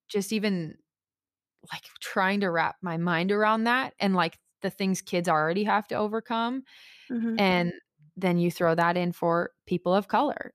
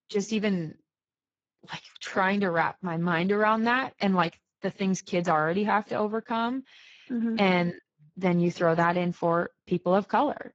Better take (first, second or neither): first